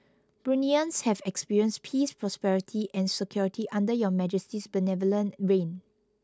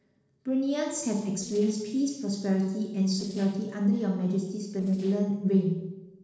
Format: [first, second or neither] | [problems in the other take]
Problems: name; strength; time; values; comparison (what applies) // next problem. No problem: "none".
first | noise reduction (neural separator model SepFormer DNS4)